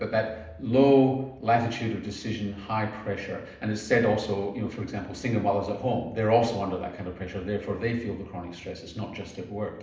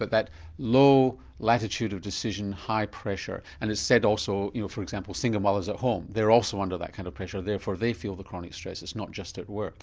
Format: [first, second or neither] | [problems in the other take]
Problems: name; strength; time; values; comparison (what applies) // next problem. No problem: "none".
second | room echo; dies away in 0.8 s